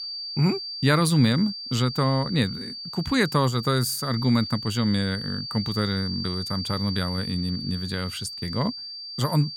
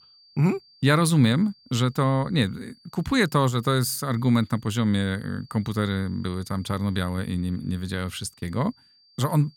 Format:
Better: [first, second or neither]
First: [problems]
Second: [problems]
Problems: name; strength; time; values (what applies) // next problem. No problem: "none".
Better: second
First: high-pitched whine; loud; throughout; 4.5 kHz, 7 dB below the speech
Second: high-pitched whine; faint; throughout; 4.5 kHz, 30 dB below the speech